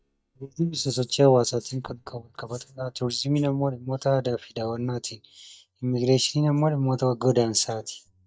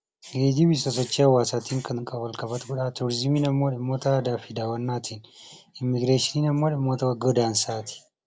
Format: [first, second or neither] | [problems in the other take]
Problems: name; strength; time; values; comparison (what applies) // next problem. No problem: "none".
second | noise reduction (neural mask model DeepFilterNet 3)